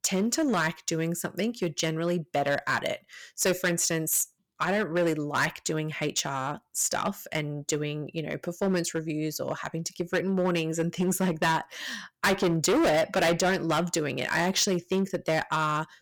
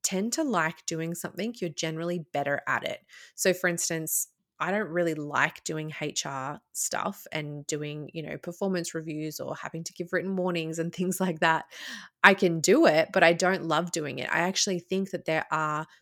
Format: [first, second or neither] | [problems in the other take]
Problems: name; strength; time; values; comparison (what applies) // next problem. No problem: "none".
second | distortion; heavy; 8% of the sound clipped